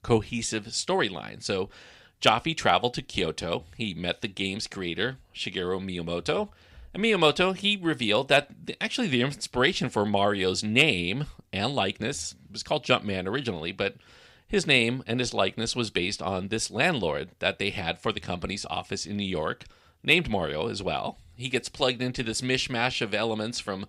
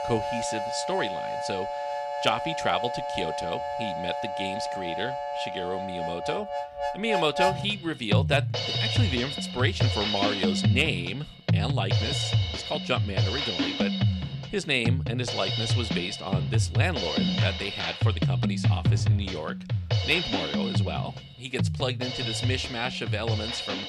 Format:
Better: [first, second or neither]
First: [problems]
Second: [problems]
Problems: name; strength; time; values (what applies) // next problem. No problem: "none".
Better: first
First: none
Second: background music; very loud; throughout; 2 dB above the speech